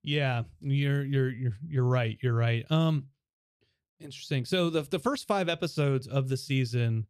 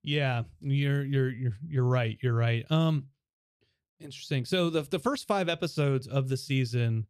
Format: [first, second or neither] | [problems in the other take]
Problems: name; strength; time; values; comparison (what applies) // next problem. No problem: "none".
neither | none